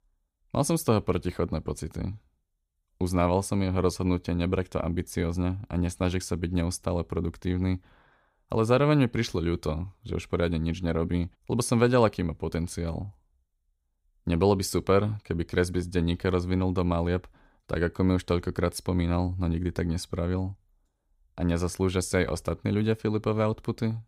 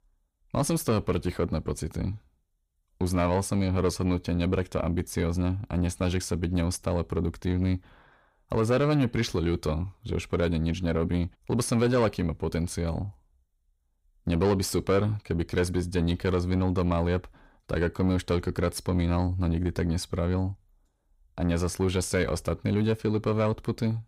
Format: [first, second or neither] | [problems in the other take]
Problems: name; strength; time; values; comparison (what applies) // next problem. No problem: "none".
first | distortion; slight; 10 dB below the speech